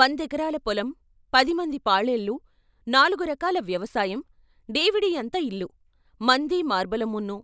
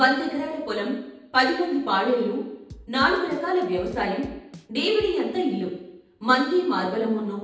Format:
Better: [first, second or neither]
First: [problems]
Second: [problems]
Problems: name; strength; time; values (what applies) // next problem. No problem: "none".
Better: first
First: none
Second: background sound (Drum / Drum kit); 20 dB below the speech // room echo; dies away in 0.8 s